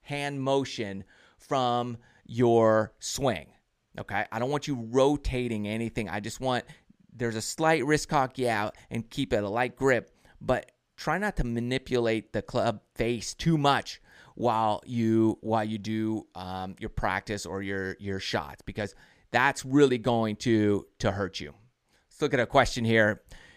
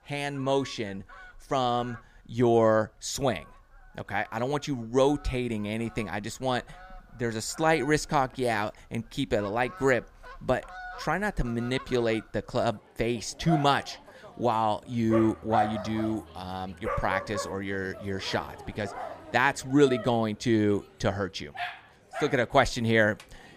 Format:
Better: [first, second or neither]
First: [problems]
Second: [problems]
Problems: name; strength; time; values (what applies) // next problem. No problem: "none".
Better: first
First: none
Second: animal sounds; noticeable; throughout; 10 dB below the speech